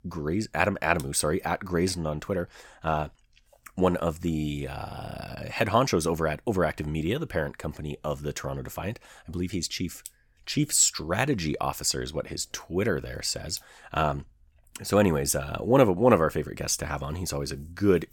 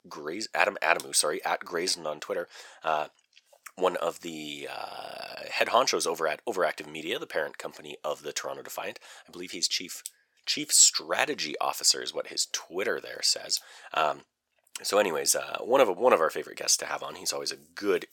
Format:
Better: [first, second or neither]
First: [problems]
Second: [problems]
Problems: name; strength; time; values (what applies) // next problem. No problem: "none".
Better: first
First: none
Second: thin; very; fading below 550 Hz